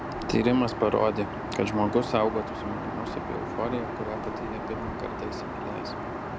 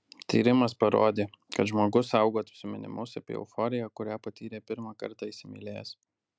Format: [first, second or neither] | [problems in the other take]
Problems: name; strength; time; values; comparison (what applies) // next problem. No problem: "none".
second | background sound (Aircraft); 4 dB below the speech